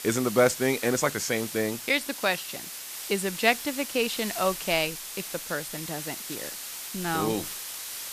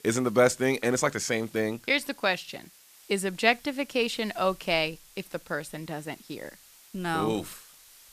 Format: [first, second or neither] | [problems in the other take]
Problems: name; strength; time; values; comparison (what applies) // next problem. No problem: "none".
second | hiss; loud; throughout; 7 dB below the speech; faint in the second